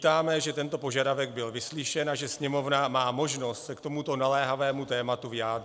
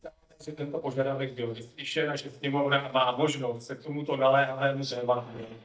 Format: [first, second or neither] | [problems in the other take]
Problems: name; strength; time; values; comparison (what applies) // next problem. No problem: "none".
first | noise reduction (neural mask model DeepFilterNet 3)